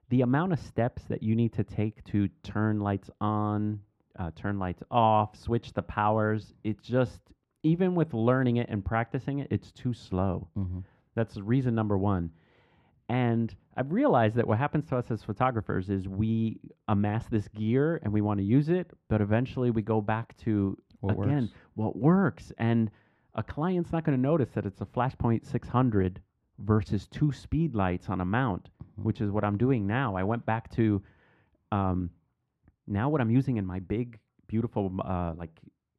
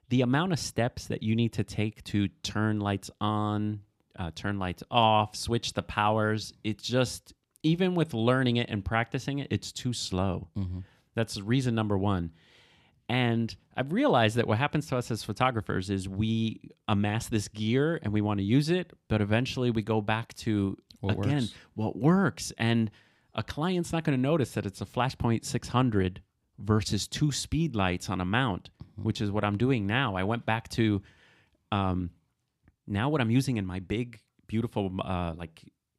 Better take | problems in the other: second | muffled; very; fading above 3 kHz

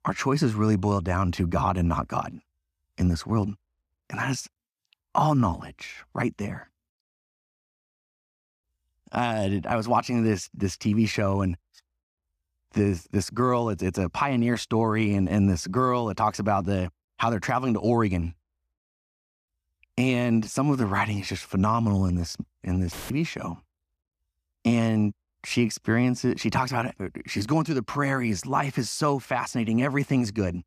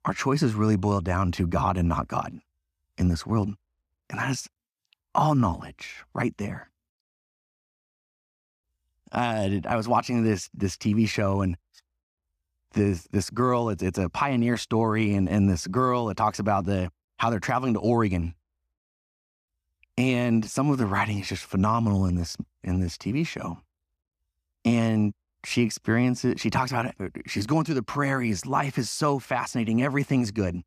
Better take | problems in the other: second | audio cutting out; filled with static; at 23 s

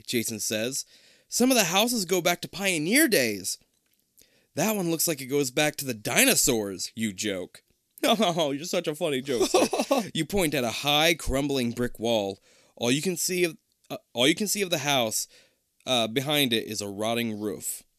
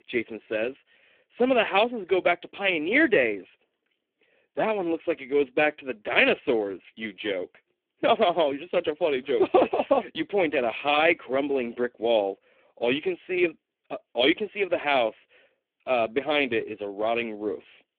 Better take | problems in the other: first | phone-call audio; poor line; nothing above 3.5 kHz

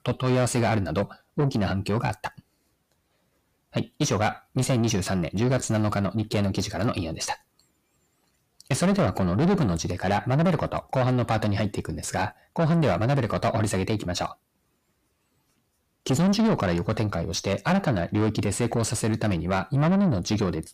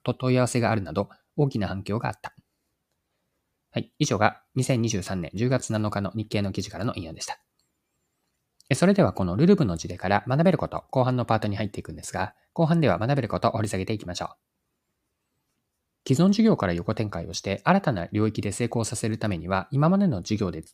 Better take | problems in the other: second | distortion; heavy; 7 dB below the speech

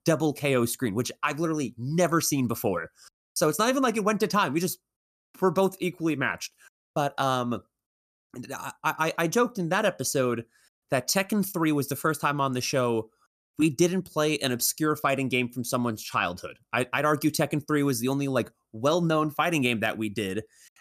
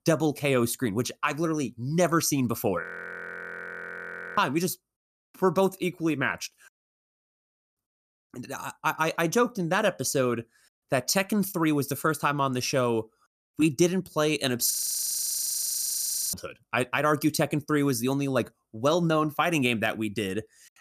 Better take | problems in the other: first | audio freezing; at 3 s for 1.5 s, at 7 s for 1 s and at 15 s for 1.5 s

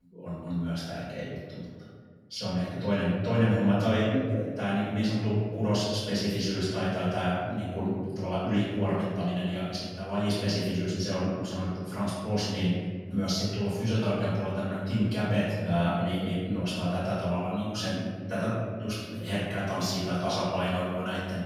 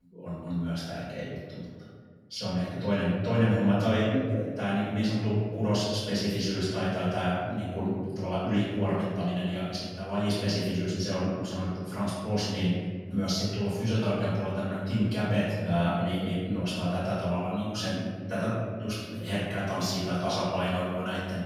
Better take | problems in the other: neither | off-mic speech; far; the same in both // room echo; strong; dies away in 1.6 s; the same in both

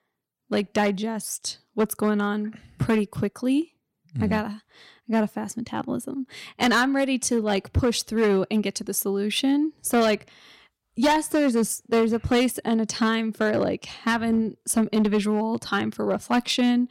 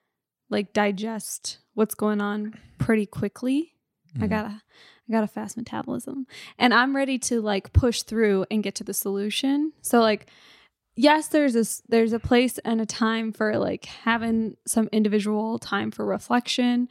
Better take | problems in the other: second | distortion; slight; 5% of the sound clipped

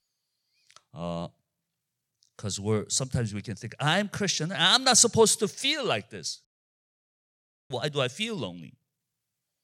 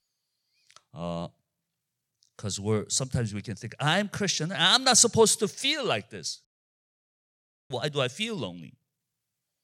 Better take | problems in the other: neither | audio cutting out; at 6.5 s for 1.5 s; the same in both

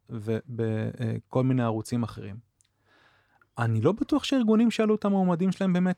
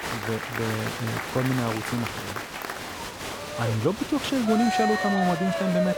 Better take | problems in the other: first | crowd noise; loud; throughout; 3 dB below the speech

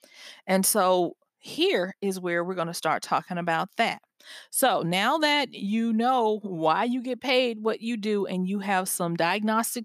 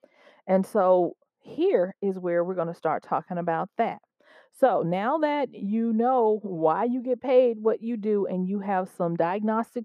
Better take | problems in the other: first | muffled; very; fading above 2.5 kHz

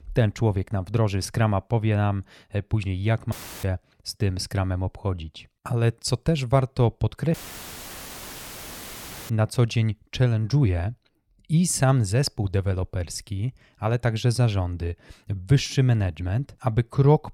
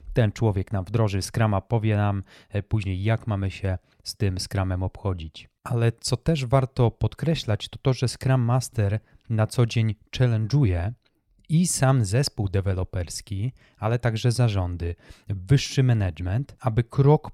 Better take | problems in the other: second | audio cutting out; filled with static; at 3.5 s and at 7.5 s for 2 s

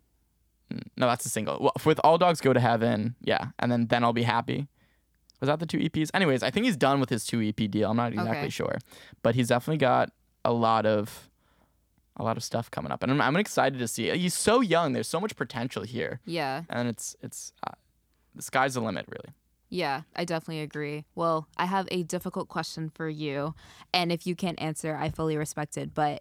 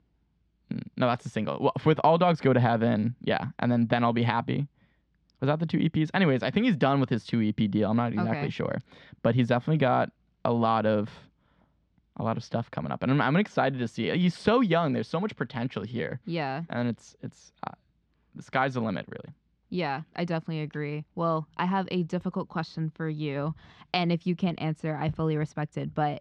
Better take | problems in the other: first | muffled; slightly; fading above 4 kHz

